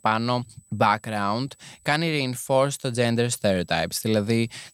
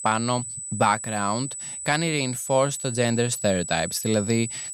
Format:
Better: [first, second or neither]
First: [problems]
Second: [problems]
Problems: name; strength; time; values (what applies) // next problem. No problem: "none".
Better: first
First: high-pitched whine; faint; throughout; 8 kHz, 30 dB below the speech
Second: high-pitched whine; loud; throughout; 8 kHz, 7 dB below the speech